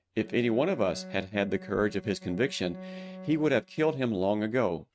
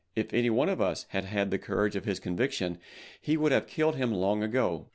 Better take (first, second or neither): second